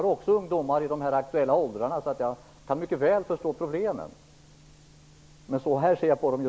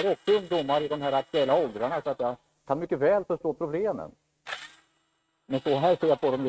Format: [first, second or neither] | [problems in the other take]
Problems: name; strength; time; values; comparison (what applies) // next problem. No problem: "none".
first | noise reduction (neural mask model RNNoise)